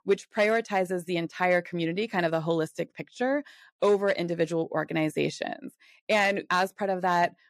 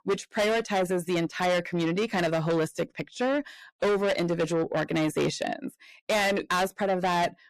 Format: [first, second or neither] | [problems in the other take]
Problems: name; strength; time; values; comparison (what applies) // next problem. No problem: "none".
first | distortion; heavy; 7 dB below the speech